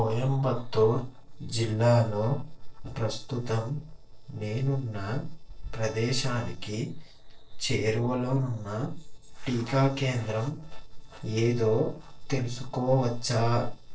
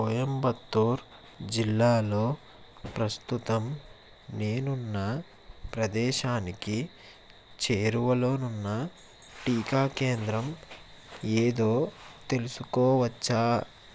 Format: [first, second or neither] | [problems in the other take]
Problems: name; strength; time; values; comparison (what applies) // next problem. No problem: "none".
second | noise reduction (neural separator model SepFormer DNS4)